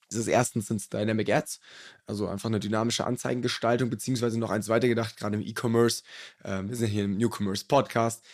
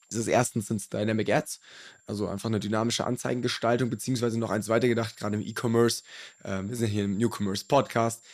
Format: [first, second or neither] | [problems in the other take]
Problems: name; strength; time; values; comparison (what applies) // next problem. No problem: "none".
first | high-pitched whine; faint; throughout; 7.5 kHz, 30 dB below the speech